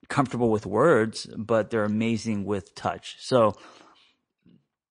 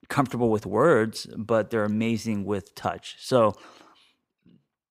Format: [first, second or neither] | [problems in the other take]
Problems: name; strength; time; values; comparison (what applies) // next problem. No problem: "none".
second | garbled, watery; slightly; nothing above 9.5 kHz